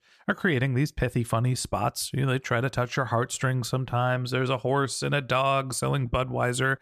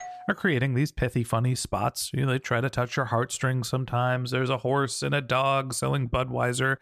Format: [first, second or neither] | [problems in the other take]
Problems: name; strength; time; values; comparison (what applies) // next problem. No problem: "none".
first | doorbell; faint; at the start; peak 15 dB below the speech